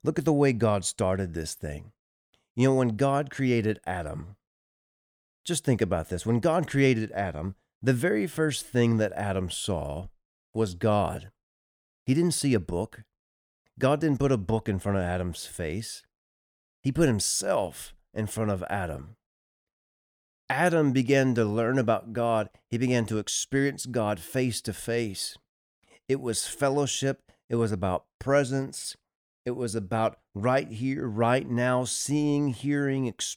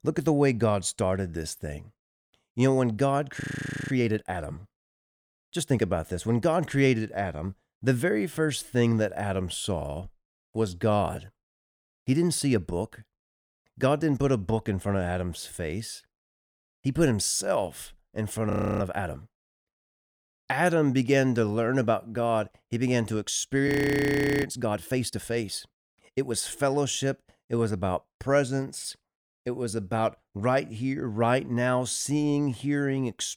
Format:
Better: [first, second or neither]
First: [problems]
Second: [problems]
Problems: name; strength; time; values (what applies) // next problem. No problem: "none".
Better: first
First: none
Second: audio freezing; at 3.5 s for 0.5 s, at 19 s and at 24 s for 1 s